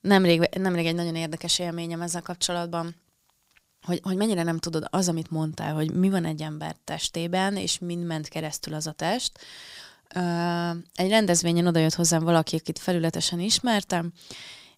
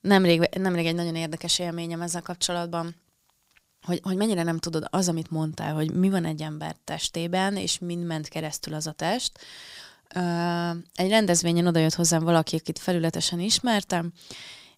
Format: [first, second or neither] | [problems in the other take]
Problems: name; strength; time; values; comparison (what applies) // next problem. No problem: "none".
neither | none